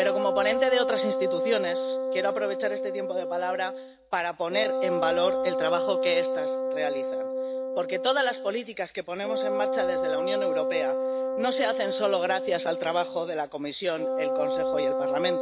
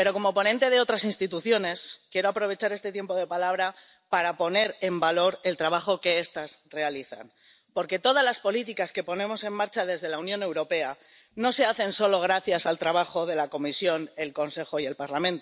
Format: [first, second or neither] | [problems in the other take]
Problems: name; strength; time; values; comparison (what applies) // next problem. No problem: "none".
second | background sound (Wind instrument, woodwind instrument); 1 dB above the speech